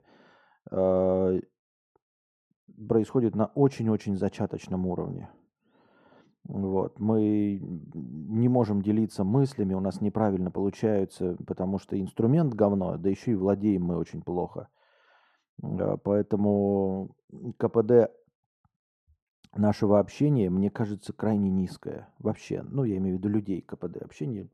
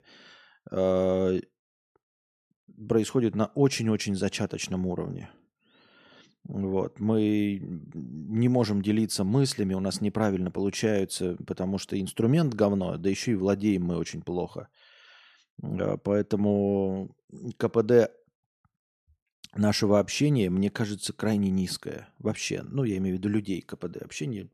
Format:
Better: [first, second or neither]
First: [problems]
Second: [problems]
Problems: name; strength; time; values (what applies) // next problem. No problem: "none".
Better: second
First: muffled; very; fading above 1.5 kHz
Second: none